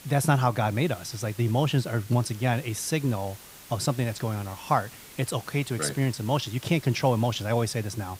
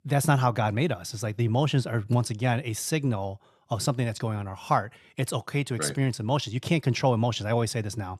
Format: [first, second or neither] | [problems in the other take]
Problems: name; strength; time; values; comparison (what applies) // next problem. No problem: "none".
second | hiss; noticeable; throughout; 20 dB below the speech